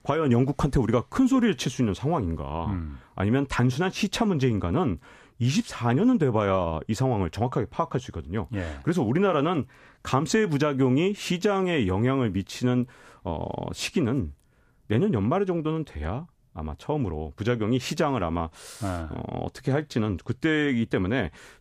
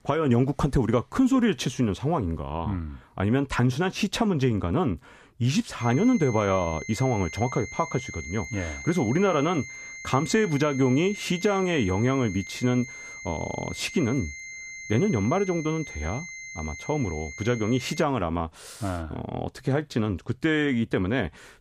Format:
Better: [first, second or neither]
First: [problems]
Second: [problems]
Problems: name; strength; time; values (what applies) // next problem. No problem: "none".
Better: first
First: none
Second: high-pitched whine; noticeable; from 6 to 18 s; 2 kHz, 10 dB below the speech